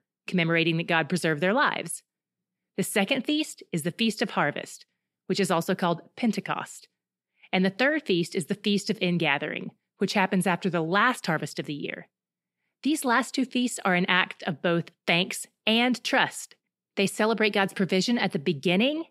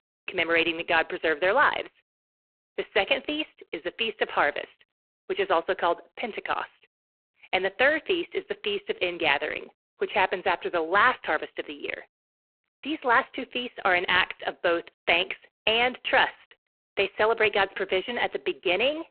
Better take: first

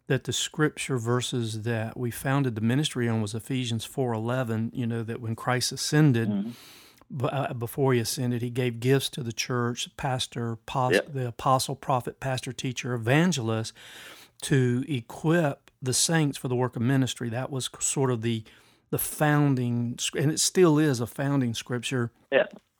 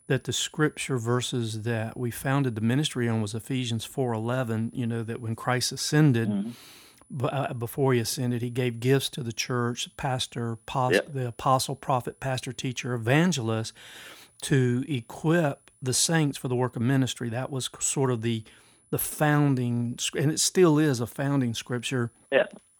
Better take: first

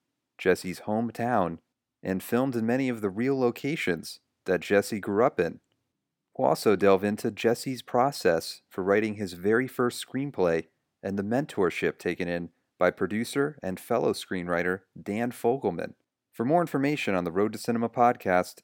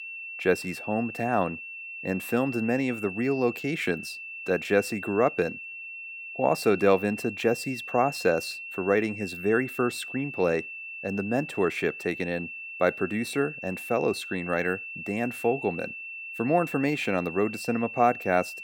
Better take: first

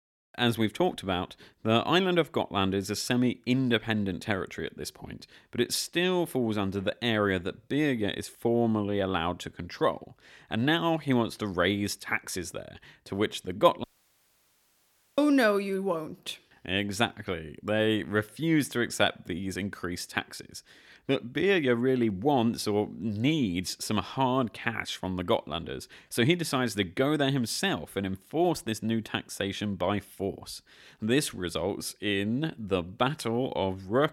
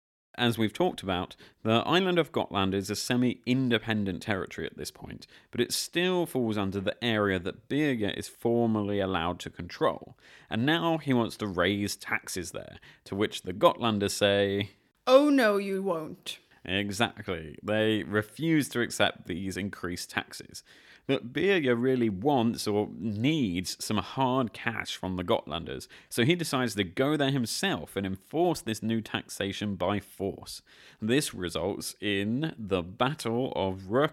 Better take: second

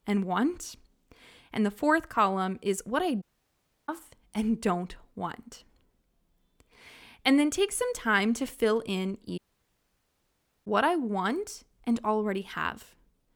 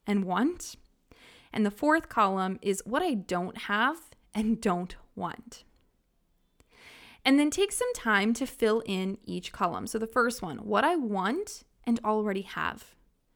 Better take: second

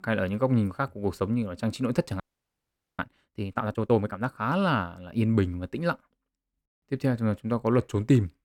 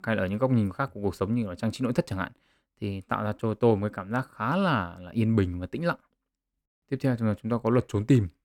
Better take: second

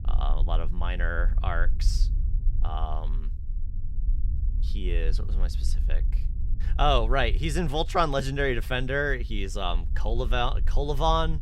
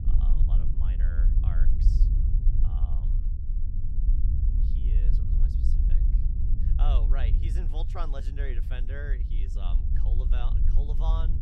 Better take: first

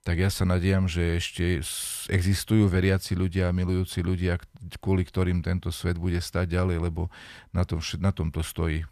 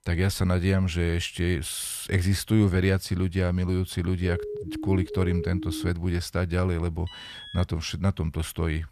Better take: first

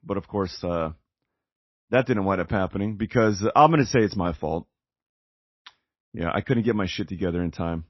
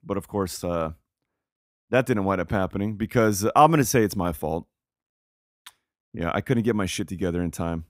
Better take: second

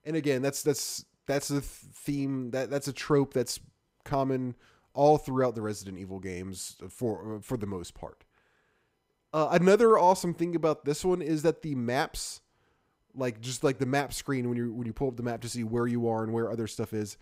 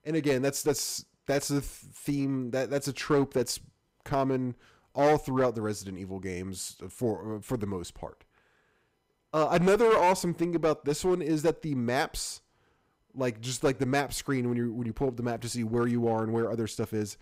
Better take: first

